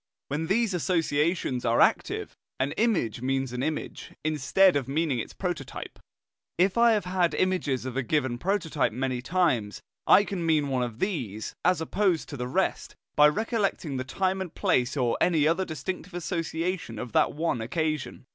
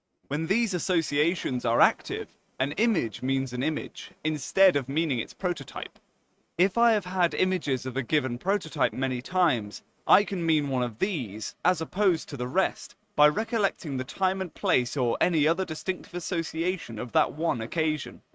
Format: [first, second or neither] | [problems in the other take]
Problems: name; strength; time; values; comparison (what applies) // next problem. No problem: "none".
first | noise reduction (neural mask model RNNoise)